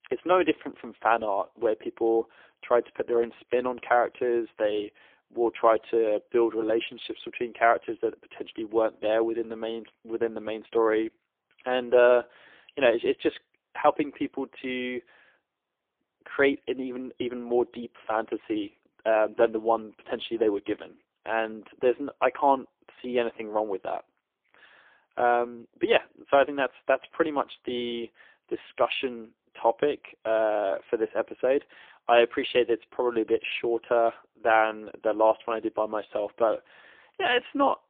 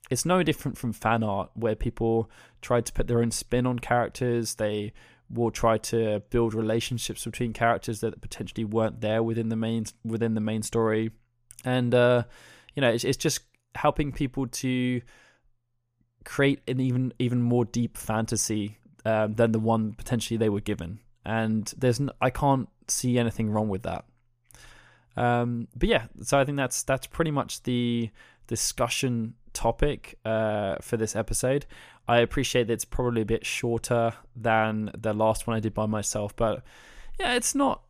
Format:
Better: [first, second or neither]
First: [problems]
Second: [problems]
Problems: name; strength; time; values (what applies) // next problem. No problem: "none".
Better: second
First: phone-call audio; poor line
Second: none